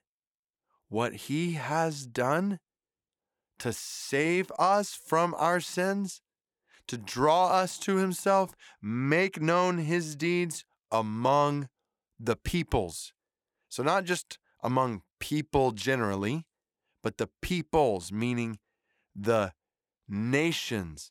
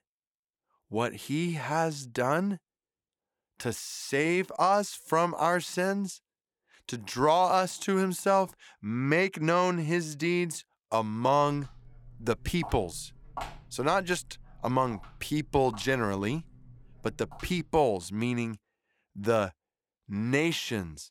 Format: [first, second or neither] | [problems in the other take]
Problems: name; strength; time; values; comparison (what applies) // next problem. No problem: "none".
first | footsteps; faint; from 12 to 18 s; peak 10 dB below the speech